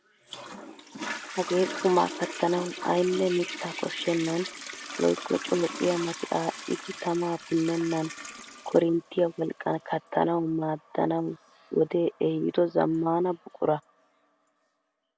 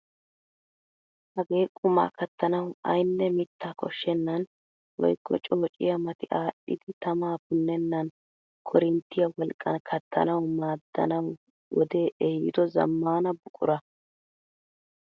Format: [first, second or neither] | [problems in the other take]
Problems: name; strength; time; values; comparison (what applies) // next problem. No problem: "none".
second | background sound (Toilet flush); 13 dB below the speech